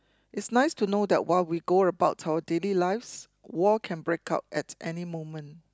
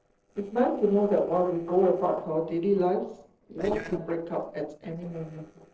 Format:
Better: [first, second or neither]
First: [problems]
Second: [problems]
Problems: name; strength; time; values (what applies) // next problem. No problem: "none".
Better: first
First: none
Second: noise reduction (neural separator model SepFormer DNS4)